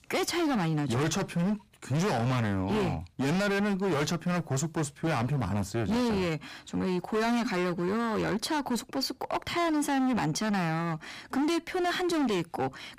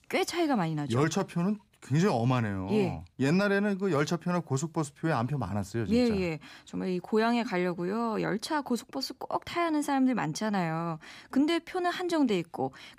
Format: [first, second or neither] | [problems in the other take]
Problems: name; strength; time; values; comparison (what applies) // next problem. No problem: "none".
second | distortion; heavy; 26% of the sound clipped